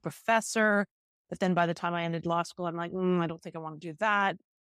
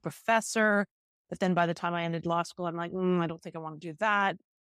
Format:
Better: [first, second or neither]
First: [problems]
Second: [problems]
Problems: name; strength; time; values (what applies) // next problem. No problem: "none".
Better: neither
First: none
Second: none